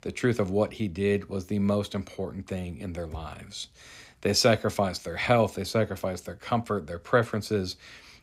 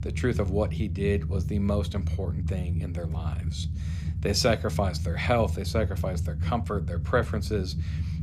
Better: first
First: none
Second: low rumble; noticeable; throughout; 15 dB below the speech

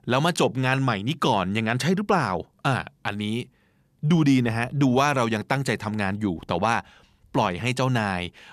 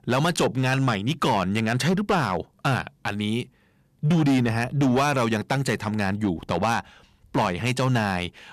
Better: first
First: none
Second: distortion; slight; 8% of the sound clipped

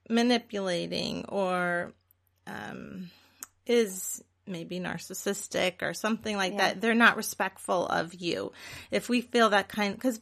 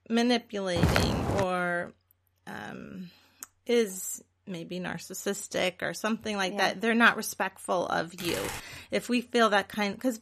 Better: first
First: none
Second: footsteps; loud; at 1 s; peak 3 dB above the speech // keyboard typing; noticeable; at 8 s; peak 6 dB below the speech

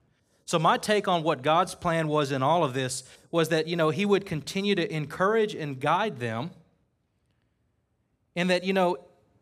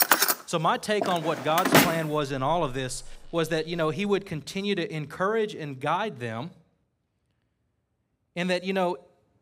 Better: first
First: none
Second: household noises; very loud; until 4 s; 4 dB above the speech

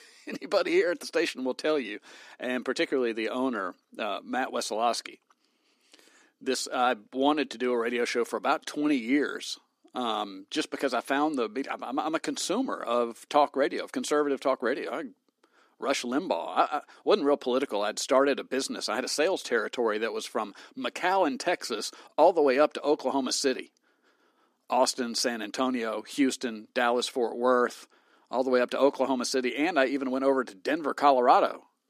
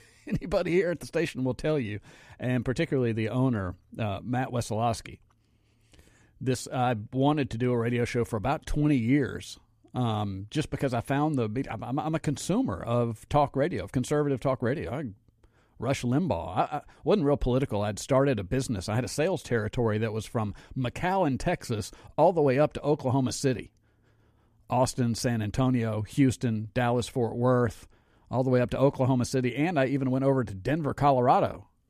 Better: second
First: thin; very slightly; fading below 250 Hz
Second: none

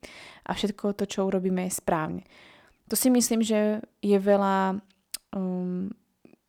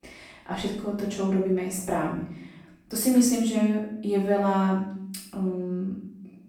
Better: first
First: none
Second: room echo; noticeable; dies away in 0.7 s // off-mic speech; far

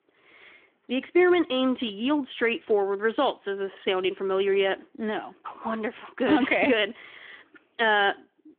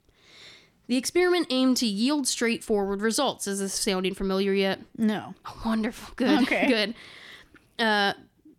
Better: second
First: phone-call audio; nothing above 3.5 kHz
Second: none

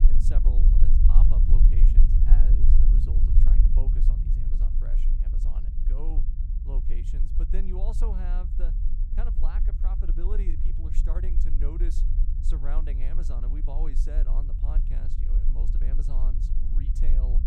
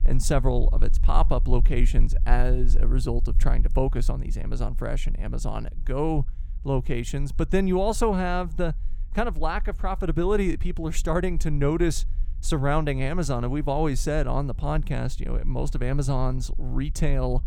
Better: second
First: low rumble; loud; throughout; 1 dB below the speech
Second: low rumble; faint; throughout; 25 dB below the speech

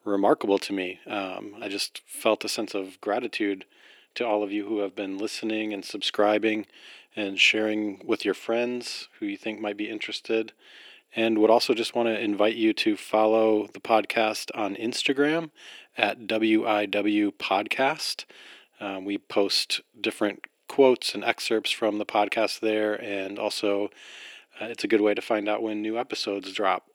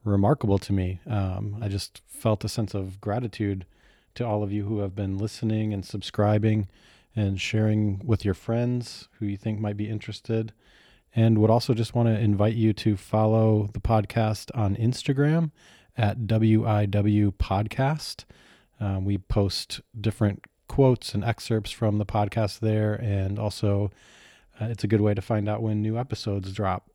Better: second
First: thin; somewhat; fading below 300 Hz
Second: none

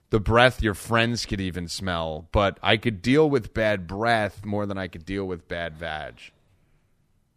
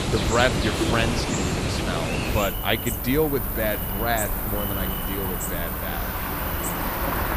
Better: first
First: none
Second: animal sounds; very loud; throughout; 1 dB above the speech

